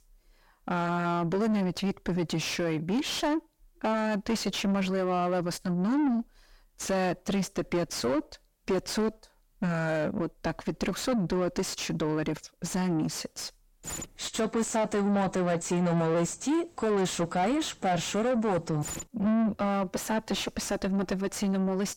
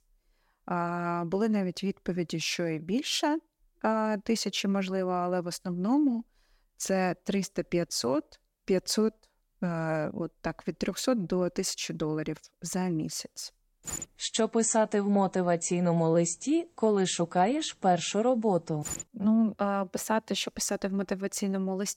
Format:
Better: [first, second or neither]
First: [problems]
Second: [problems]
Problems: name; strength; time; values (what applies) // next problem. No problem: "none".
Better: second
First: distortion; heavy; 7 dB below the speech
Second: none